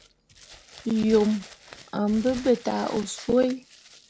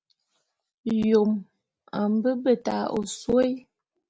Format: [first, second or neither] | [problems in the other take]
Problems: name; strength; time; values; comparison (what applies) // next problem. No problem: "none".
second | background sound (Crumpling, crinkling); 19 dB below the speech